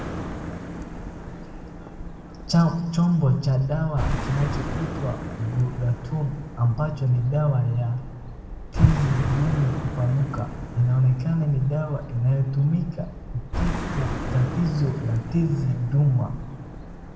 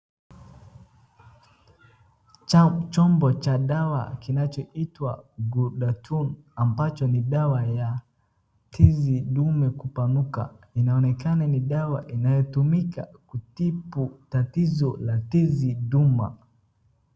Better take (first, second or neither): second